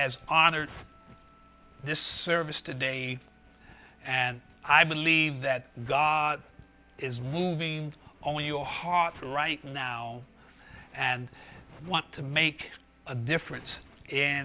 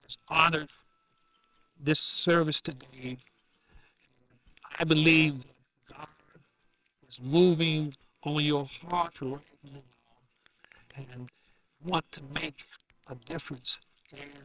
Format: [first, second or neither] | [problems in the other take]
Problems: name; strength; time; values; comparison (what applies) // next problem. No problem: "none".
first | noise reduction (neural separator model SepFormer WHAMR!)